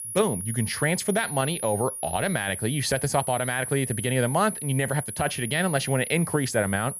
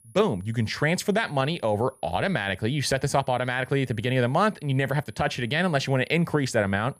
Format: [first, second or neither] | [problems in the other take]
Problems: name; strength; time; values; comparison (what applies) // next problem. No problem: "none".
second | high-pitched whine; loud; throughout; 10.5 kHz, 7 dB below the speech; faint in the second